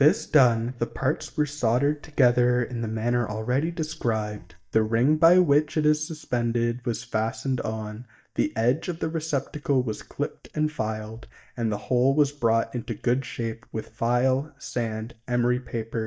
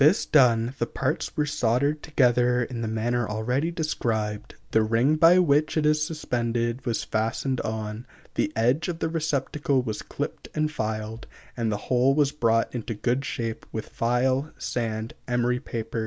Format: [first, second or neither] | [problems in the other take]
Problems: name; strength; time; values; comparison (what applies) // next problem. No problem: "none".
second | noise reduction (neural mask model DeepFilterNet 3)